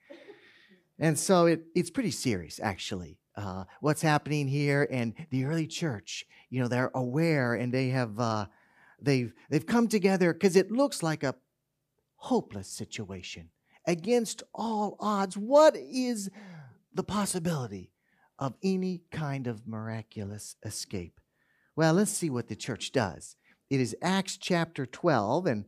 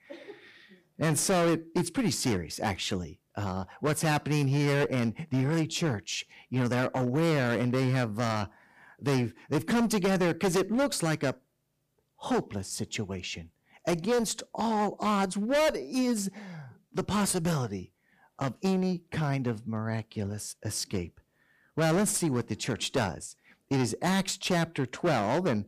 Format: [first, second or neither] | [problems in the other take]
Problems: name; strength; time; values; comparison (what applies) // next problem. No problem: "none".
first | distortion; heavy; 13% of the sound clipped